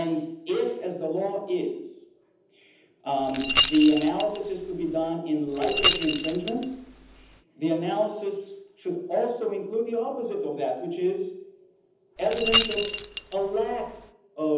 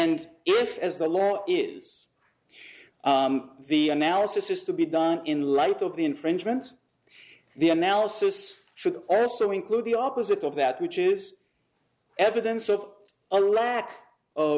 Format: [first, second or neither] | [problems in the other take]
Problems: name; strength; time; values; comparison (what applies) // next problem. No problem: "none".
second | background sound (Rattle / Keys jangling); 2 dB below the speech // room echo; dies away in 0.8 s